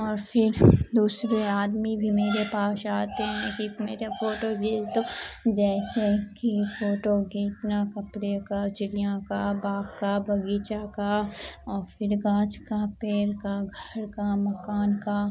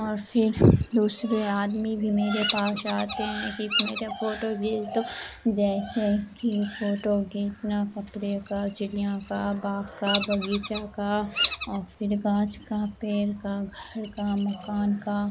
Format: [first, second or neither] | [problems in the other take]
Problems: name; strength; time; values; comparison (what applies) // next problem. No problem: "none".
first | background sound (Bird vocalization, bird call, bird song); 11 dB below the speech